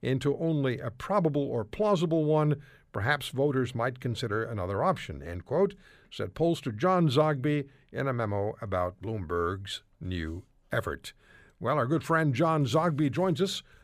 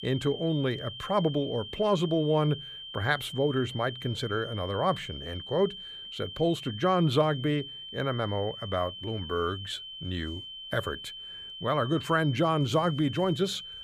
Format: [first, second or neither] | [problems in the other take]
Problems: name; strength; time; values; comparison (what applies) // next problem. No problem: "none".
first | high-pitched whine; noticeable; throughout; 3 kHz, 10 dB below the speech